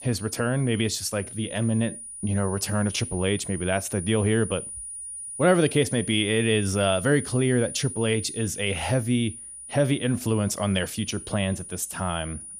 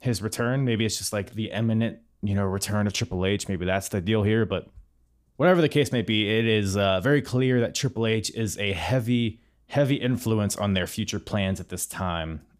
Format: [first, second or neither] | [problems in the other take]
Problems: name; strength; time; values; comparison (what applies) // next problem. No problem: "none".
second | high-pitched whine; loud; throughout; 9.5 kHz, 10 dB below the speech